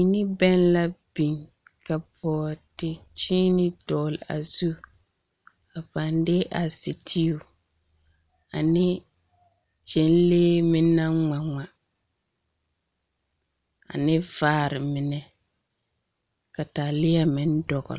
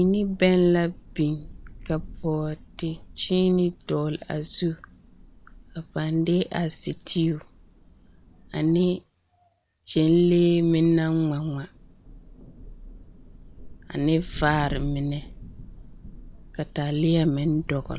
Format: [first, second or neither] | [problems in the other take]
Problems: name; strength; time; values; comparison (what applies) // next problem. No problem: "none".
first | background sound (Thunder); 17 dB below the speech